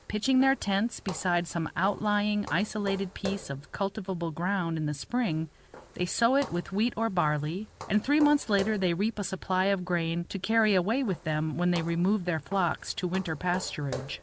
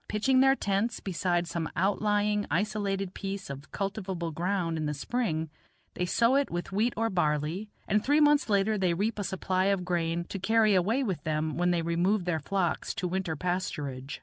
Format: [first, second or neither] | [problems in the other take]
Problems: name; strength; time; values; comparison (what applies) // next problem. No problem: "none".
second | background sound (Walk, footsteps); 17 dB below the speech